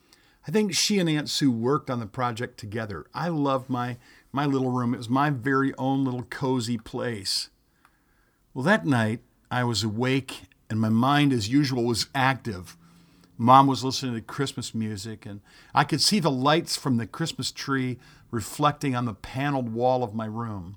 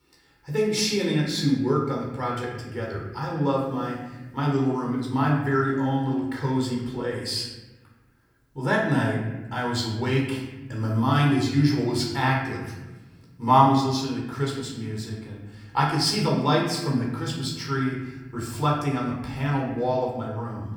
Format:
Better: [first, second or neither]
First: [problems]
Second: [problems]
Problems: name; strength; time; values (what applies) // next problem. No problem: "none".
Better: first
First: none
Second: room echo; noticeable; dies away in 1.1 s // off-mic speech; far